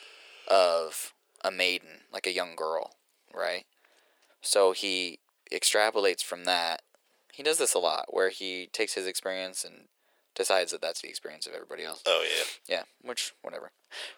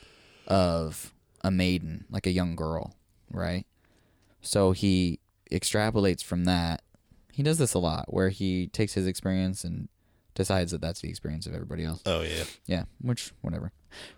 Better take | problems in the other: second | thin; very; fading below 450 Hz

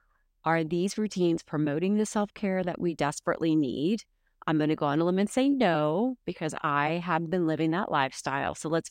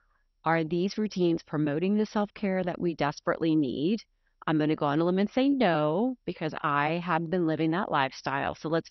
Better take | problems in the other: first | garbled, watery; slightly; nothing above 6 kHz

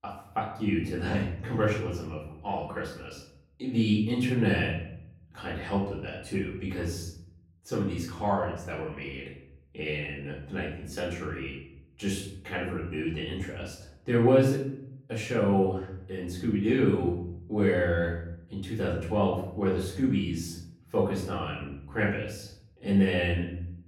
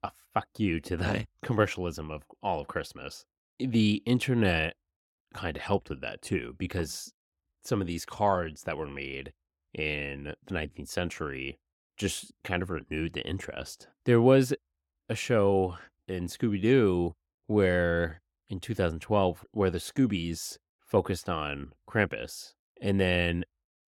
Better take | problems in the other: second | off-mic speech; far // room echo; noticeable; dies away in 0.8 s

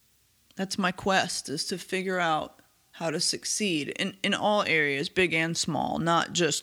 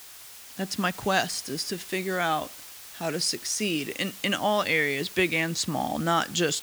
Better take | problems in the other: first | hiss; noticeable; throughout; 15 dB below the speech

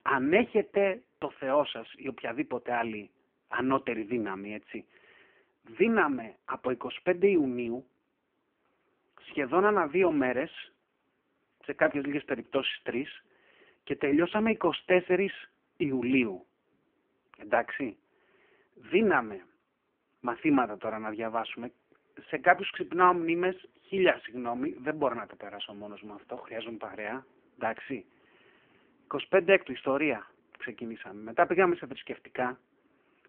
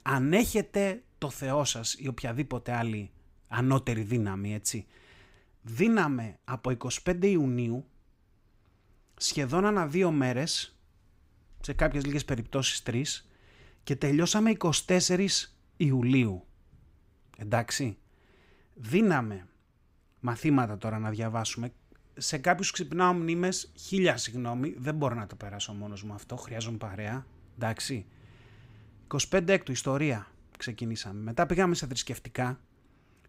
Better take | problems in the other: second | phone-call audio; poor line; nothing above 3 kHz

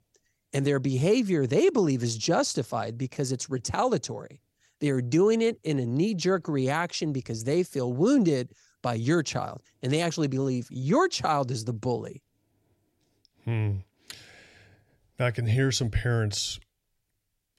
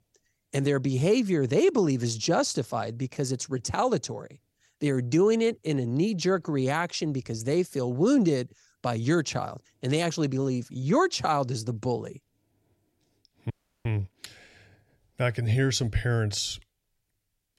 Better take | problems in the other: first | audio freezing; at 14 s

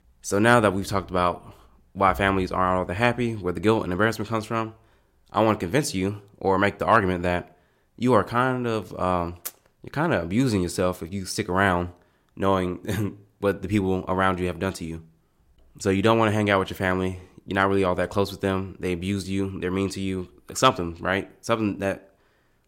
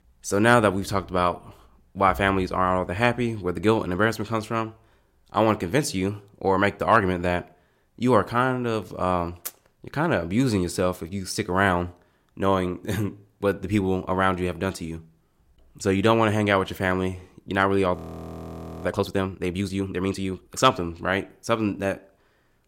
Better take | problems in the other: first | audio freezing; at 18 s for 1 s

